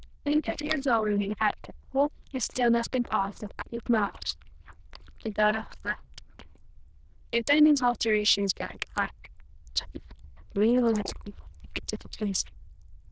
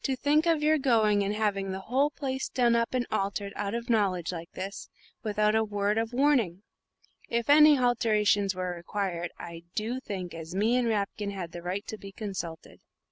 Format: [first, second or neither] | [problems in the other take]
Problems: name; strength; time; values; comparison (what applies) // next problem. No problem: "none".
second | noise reduction (neural diffusion model UNIVERSE++)